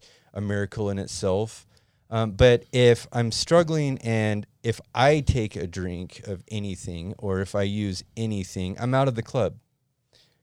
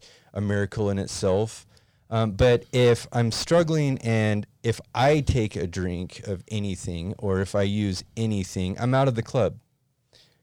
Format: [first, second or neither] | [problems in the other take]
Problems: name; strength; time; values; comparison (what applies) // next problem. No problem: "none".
first | distortion; slight; 10 dB below the speech